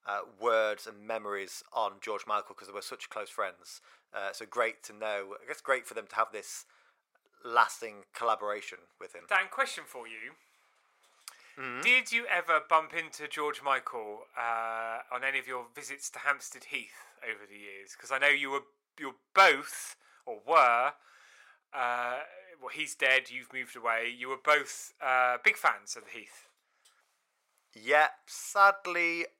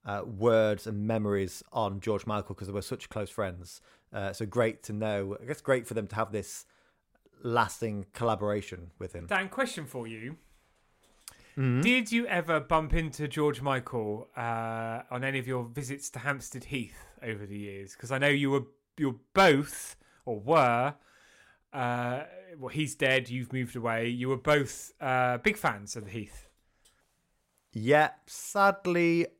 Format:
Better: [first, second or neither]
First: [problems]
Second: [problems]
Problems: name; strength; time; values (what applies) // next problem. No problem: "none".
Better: second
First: thin; very; fading below 650 Hz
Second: none